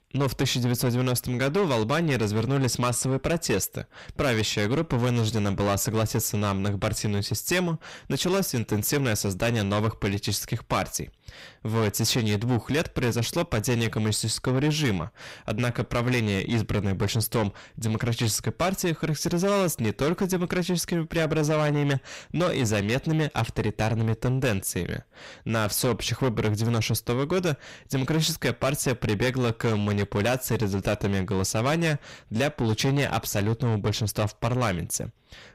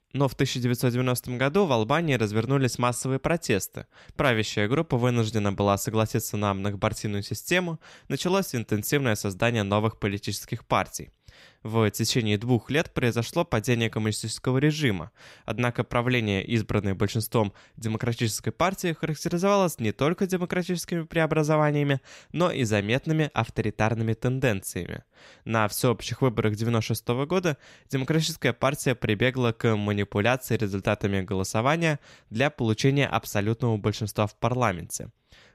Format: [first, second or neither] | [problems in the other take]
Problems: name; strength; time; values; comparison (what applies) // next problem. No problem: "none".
second | distortion; heavy; 6 dB below the speech